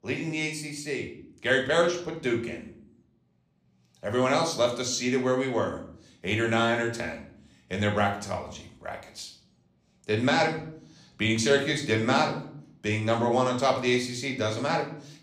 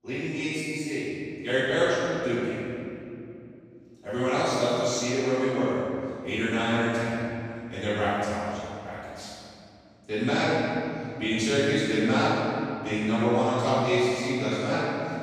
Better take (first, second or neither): first